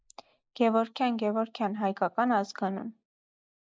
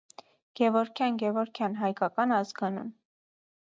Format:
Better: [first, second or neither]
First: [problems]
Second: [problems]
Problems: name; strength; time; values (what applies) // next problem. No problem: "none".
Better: second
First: noise reduction (neural mask model Resemble Enhance denoiser)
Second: none